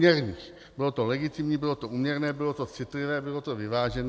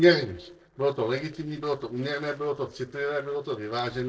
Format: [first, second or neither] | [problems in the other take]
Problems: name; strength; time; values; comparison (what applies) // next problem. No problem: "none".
first | noise reduction (neural separator model SepFormer DNS4)